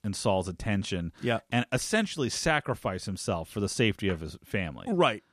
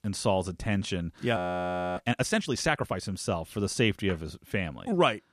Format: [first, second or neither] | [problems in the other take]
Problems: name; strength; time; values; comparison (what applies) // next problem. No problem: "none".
first | audio freezing; at 1.5 s for 0.5 s